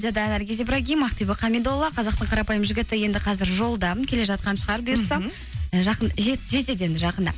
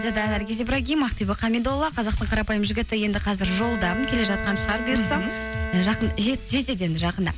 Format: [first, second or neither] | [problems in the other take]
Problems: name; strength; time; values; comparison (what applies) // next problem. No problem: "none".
first | background sound (Bowed string instrument); 10 dB below the speech